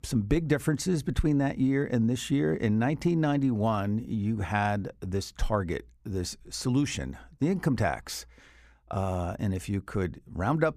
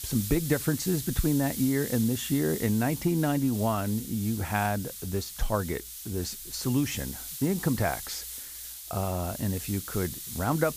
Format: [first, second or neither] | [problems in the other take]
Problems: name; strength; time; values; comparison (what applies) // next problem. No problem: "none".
first | hiss; loud; throughout; 8 dB below the speech